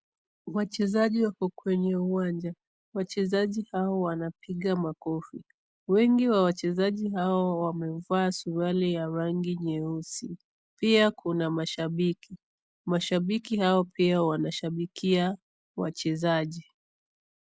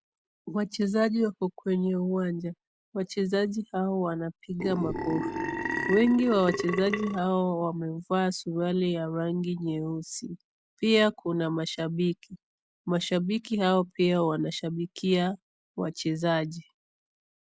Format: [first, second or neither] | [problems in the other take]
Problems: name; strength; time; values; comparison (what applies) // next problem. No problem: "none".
first | background sound (Burping, eructation); 4 dB below the speech